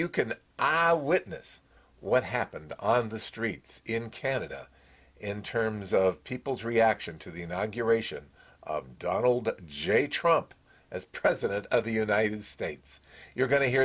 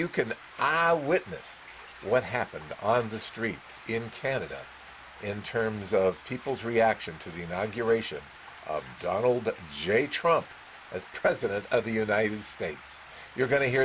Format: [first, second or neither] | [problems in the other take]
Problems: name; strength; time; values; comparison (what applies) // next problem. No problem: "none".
first | background sound (Stream); 19 dB below the speech